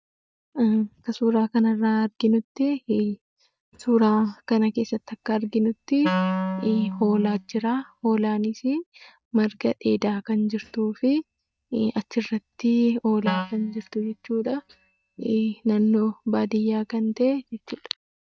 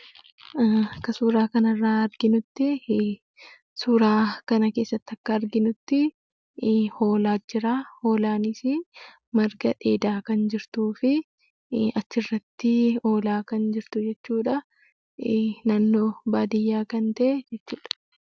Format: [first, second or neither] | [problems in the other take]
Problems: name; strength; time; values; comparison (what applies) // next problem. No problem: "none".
second | noise reduction (neural mask model DeepFilterNet 3)